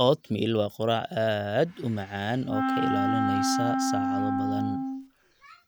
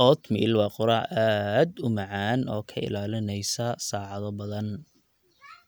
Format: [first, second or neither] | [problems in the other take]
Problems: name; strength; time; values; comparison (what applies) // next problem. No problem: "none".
second | background sound (Wind instrument, woodwind instrument); 1 dB above the speech